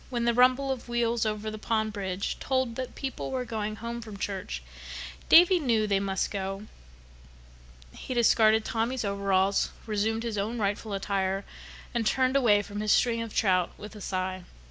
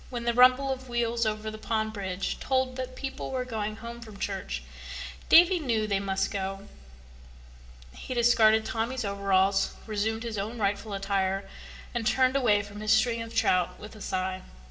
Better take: first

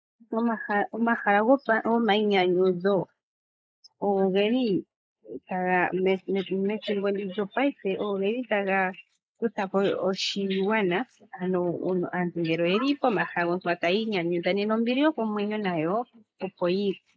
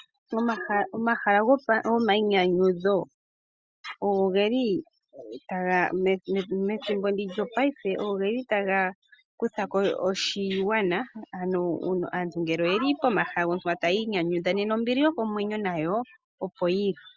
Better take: second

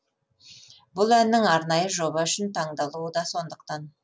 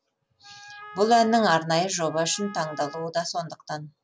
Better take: first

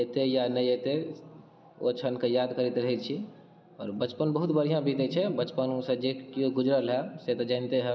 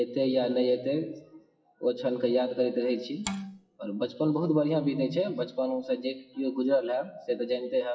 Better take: first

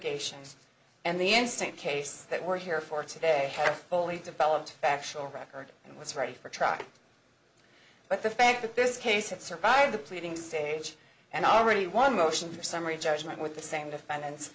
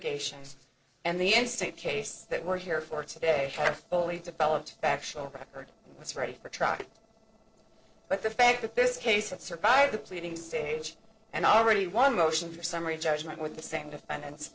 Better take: first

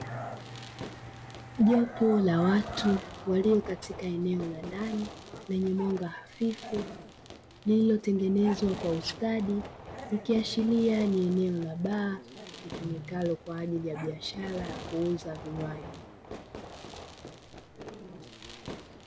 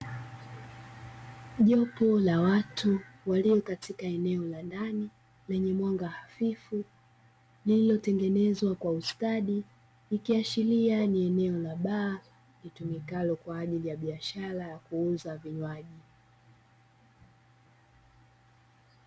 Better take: second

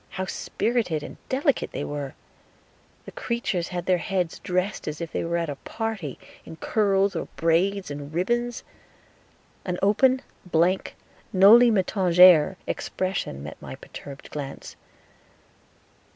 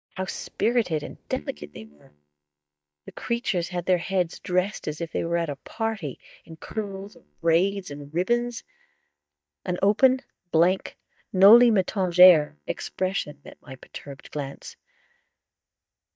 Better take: first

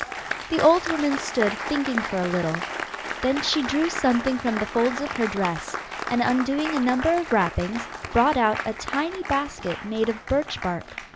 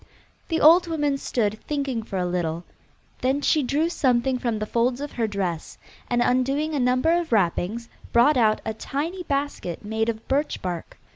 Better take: second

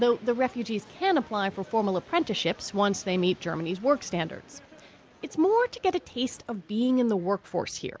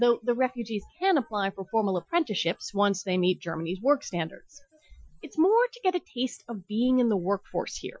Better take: first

